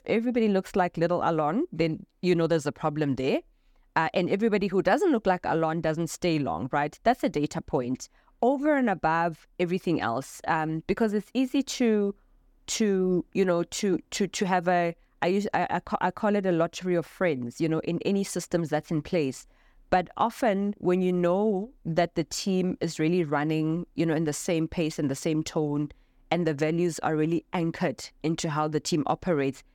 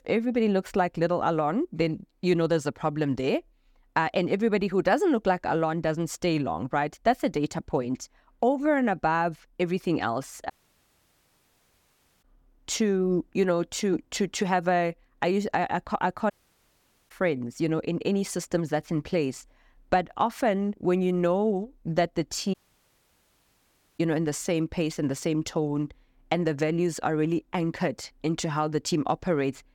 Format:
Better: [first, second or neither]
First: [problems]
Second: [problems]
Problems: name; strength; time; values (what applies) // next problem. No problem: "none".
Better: first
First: none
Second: audio cutting out; at 11 s for 1.5 s, at 16 s for 1 s and at 23 s for 1.5 s